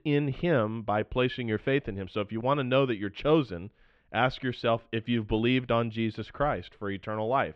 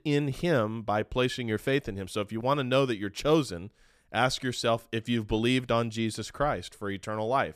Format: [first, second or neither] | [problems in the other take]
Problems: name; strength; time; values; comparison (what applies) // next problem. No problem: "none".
second | muffled; slightly; fading above 3 kHz